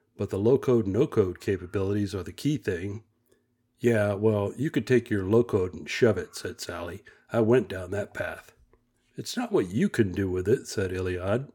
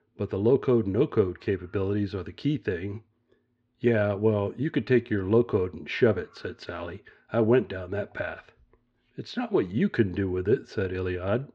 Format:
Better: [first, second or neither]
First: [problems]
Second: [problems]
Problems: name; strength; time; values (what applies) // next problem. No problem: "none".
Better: first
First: none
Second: muffled; slightly; fading above 4 kHz